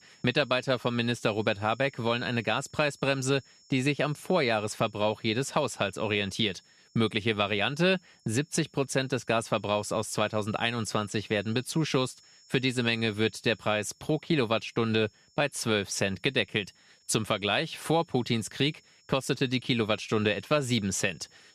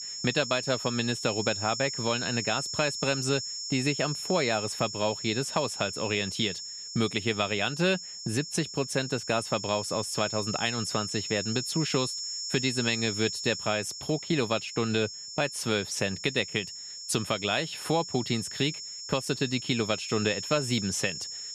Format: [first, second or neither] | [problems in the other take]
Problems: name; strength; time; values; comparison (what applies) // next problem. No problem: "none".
first | high-pitched whine; loud; throughout; 5.5 kHz, 5 dB below the speech; faint in the first